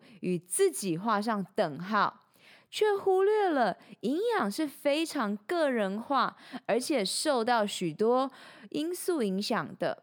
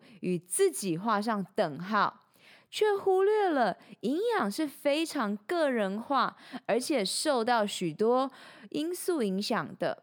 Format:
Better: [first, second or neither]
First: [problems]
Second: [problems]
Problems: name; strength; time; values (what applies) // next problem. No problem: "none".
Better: neither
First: none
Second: none